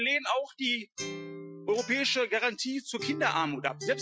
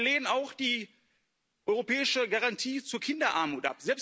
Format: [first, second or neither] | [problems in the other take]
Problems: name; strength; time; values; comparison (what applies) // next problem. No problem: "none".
second | noise reduction (classical method Wiener filter)